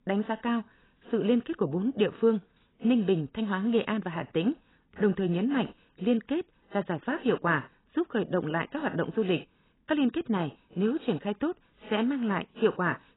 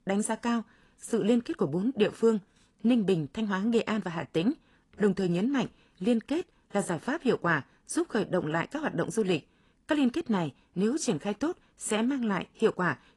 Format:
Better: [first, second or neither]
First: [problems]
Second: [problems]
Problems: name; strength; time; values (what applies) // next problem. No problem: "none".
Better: second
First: garbled, watery; badly; nothing above 3.5 kHz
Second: garbled, watery; slightly; nothing above 10 kHz